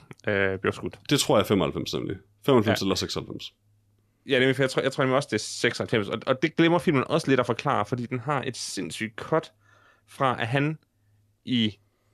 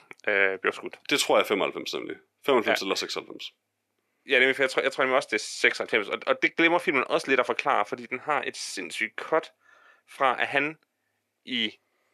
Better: first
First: none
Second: thin; somewhat; fading below 400 Hz

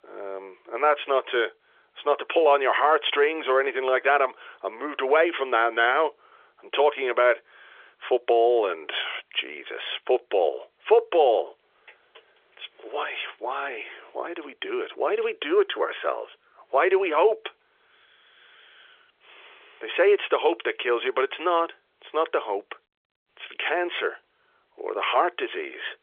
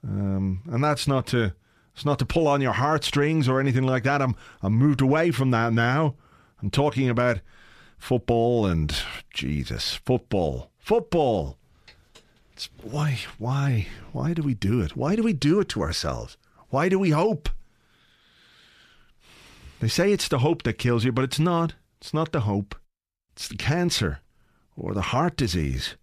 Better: second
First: phone-call audio; nothing above 3.5 kHz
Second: none

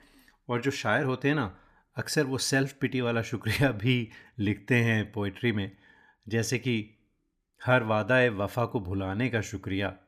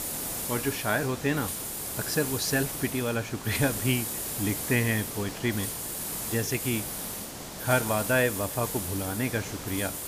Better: first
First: none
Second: hiss; loud; throughout; 3 dB below the speech

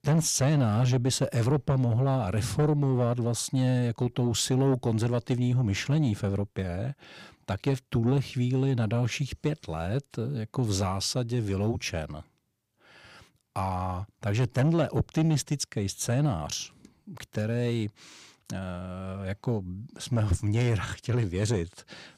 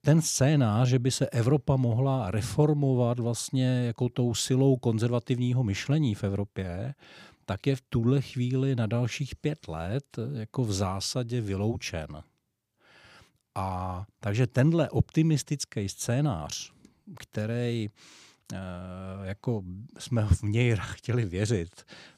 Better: second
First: distortion; slight; 10 dB below the speech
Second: none

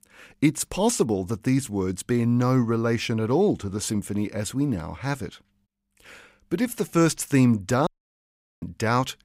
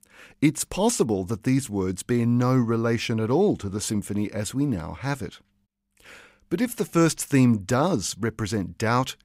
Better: second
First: audio cutting out; at 8 s for 0.5 s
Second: none

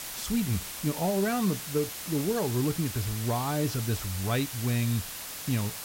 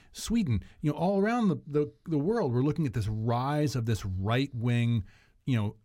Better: second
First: hiss; loud; throughout; 6 dB below the speech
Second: none

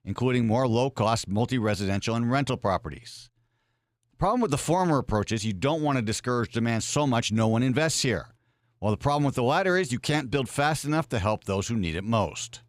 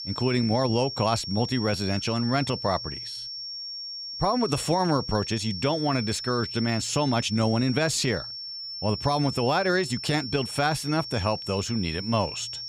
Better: first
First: none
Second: high-pitched whine; loud; throughout; 5.5 kHz, 7 dB below the speech

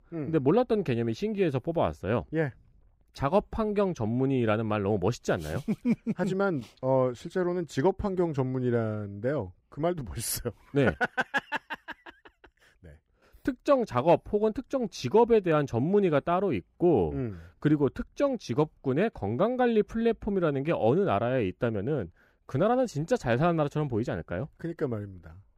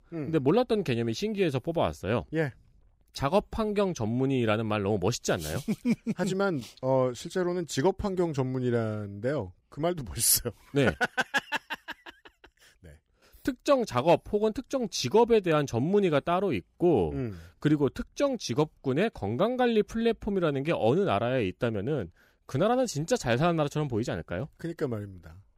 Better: second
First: muffled; slightly; fading above 3 kHz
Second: none

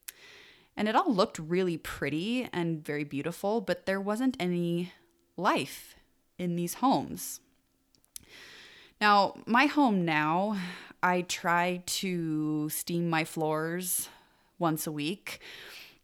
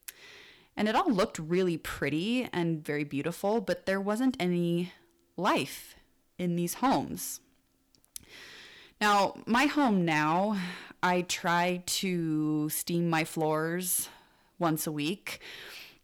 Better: first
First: none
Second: distortion; slight; 3% of the sound clipped

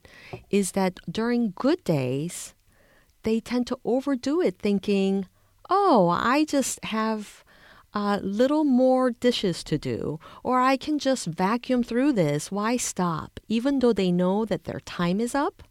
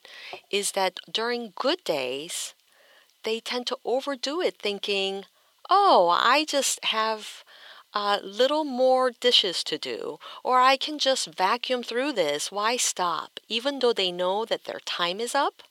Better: first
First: none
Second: thin; somewhat; fading below 600 Hz

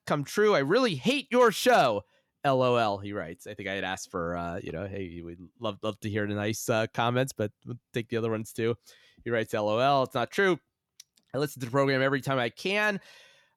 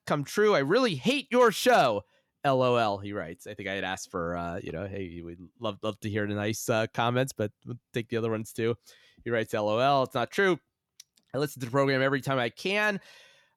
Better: neither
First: none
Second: none

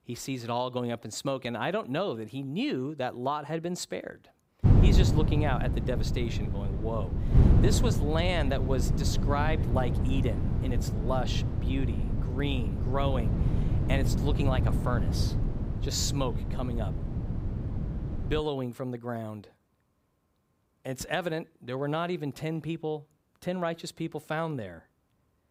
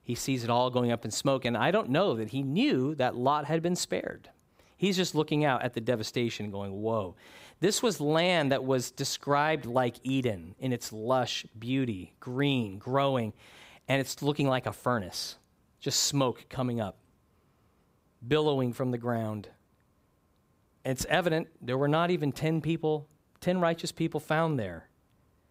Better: second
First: wind noise on the microphone; heavy; from 4.5 to 18 s; 6 dB below the speech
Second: none

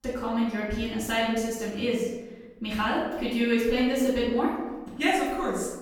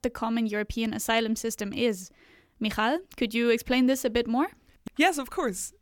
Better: second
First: off-mic speech; far // room echo; noticeable; dies away in 1 s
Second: none

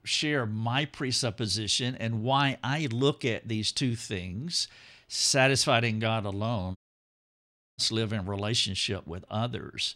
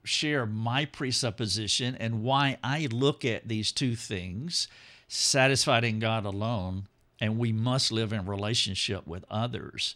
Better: second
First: audio cutting out; at 7 s for 1 s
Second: none

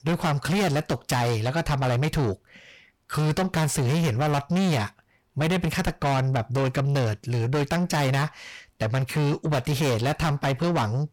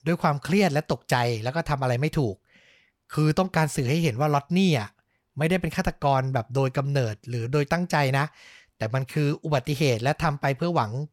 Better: second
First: distortion; heavy; 6 dB below the speech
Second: none

